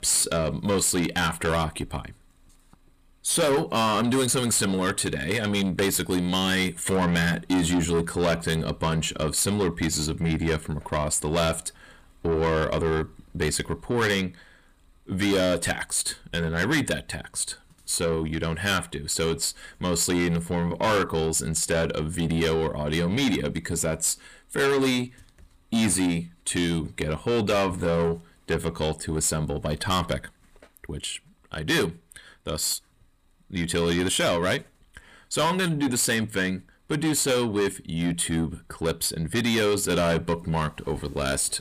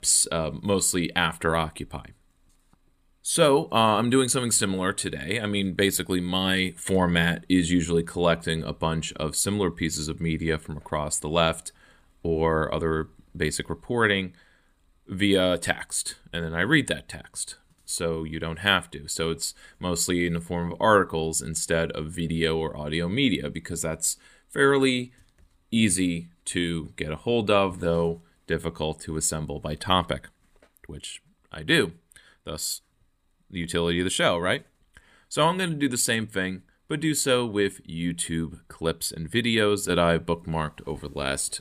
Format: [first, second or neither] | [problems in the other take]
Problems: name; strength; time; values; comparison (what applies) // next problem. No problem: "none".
second | distortion; heavy; 7 dB below the speech